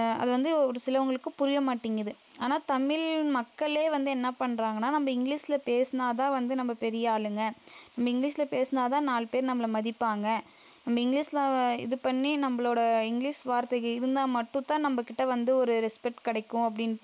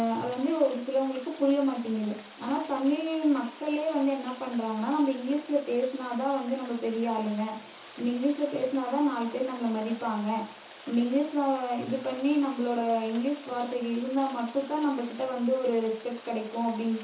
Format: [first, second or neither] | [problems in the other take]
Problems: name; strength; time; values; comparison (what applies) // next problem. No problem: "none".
first | background sound (Rain); 19 dB below the speech // room echo; dies away in 0.7 s